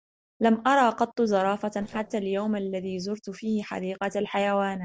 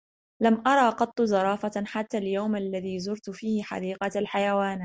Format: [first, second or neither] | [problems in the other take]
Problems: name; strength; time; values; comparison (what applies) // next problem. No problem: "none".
second | noise reduction (neural separator model SepFormer DNS4)